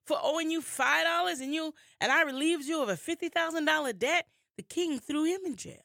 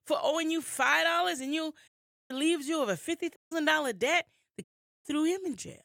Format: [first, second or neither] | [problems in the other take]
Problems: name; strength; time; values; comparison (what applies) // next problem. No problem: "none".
first | audio cutting out; at 2 s, at 3.5 s and at 4.5 s